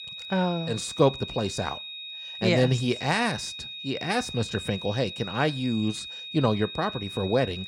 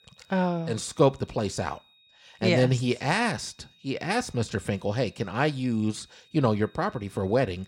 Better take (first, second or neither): second